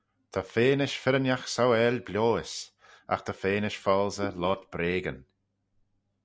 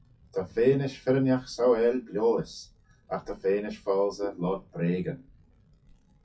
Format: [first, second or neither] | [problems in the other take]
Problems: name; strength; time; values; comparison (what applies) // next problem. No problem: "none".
first | noise reduction (classical method WPE with log-MMSE)